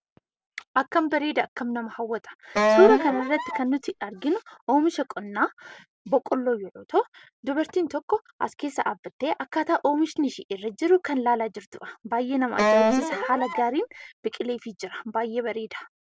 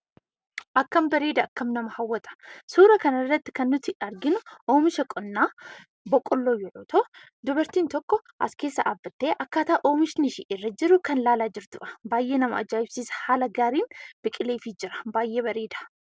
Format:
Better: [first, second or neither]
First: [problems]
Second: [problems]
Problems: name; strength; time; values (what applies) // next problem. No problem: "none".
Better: second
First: background sound (Wind instrument, woodwind instrument); 2 dB above the speech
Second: none